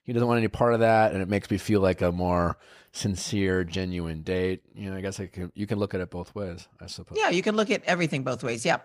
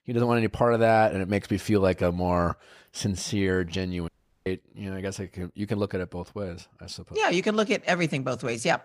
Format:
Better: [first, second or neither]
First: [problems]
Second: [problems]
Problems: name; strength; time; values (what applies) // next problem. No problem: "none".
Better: first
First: none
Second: audio cutting out; at 4 s